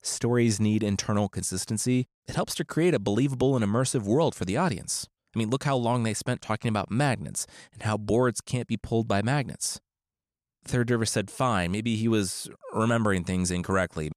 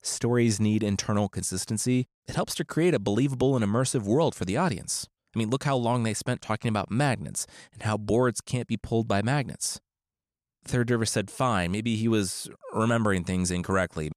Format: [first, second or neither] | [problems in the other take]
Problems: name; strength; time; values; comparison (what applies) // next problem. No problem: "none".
neither | none